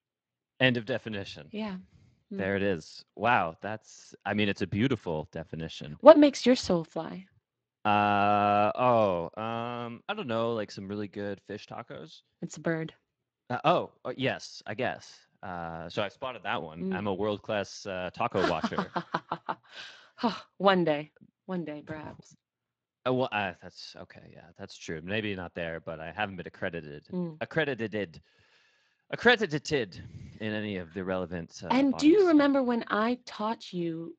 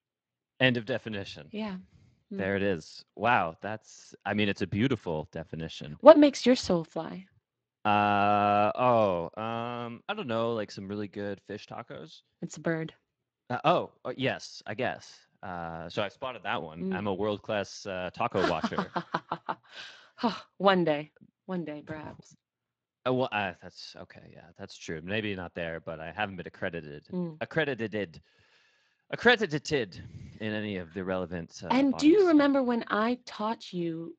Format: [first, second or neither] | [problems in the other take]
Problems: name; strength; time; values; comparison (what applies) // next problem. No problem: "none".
neither | garbled, watery; slightly; nothing above 7.5 kHz; the same in both